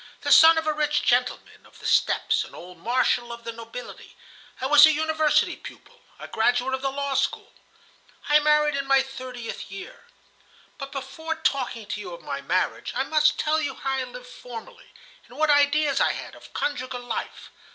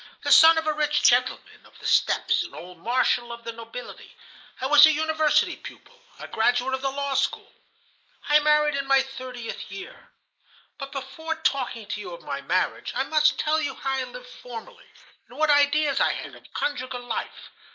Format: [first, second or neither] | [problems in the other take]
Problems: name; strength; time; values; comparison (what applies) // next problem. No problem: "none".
first | noise reduction (neural mask model Resemble Enhance denoiser)